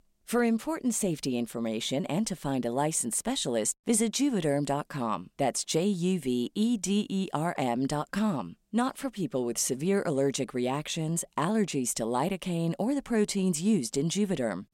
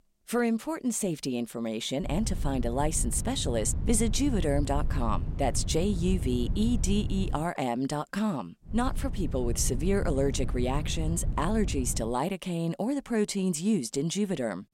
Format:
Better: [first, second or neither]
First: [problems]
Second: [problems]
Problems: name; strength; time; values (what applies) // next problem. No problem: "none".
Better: first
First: none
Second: low rumble; noticeable; from 2 to 7.5 s and from 8.5 to 12 s; 15 dB below the speech